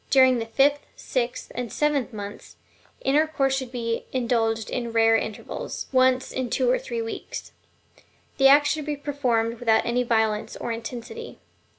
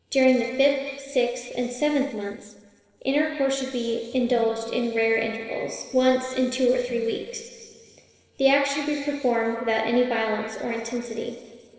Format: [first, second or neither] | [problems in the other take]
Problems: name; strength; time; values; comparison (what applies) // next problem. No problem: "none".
first | noise reduction (neural separator model SepFormer DNS4)